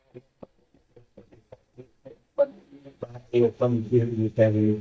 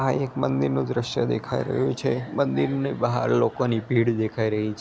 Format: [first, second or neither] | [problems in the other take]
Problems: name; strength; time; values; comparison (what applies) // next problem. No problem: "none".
second | noise reduction (neural mask model DeepFilterNet 3)